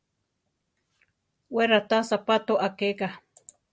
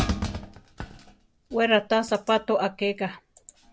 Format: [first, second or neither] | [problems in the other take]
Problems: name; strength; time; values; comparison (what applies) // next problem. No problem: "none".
first | background sound (Thump, thud); 9 dB below the speech